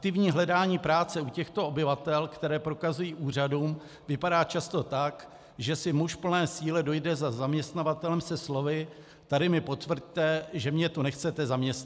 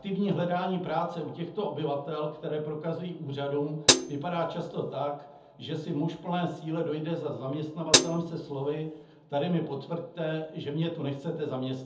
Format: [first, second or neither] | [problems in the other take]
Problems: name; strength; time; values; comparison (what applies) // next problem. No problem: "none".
first | background sound (Hi-hat); 4 dB above the speech // room echo; dies away in 0.6 s